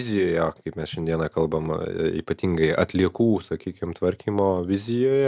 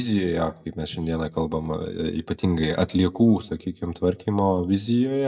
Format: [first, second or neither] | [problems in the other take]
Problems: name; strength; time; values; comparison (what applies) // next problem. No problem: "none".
first | noise reduction (neural mask model DeepFilterNet 3)